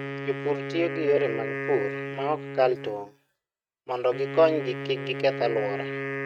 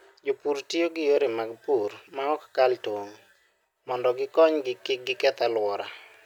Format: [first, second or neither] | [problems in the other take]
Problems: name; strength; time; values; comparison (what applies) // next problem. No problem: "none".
second | noise reduction (neural mask model RNNoise)